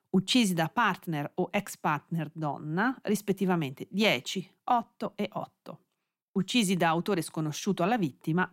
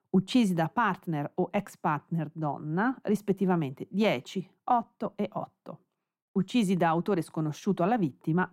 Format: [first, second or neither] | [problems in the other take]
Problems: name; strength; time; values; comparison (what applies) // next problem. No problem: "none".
first | muffled; slightly; fading above 2 kHz